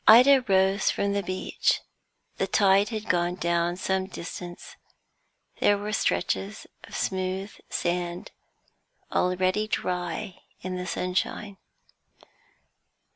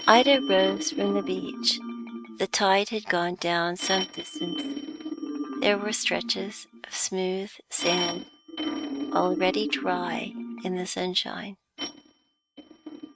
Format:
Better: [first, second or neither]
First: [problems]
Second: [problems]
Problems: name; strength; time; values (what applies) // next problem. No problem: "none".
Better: first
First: none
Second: noise reduction (neural mask model RNNoise)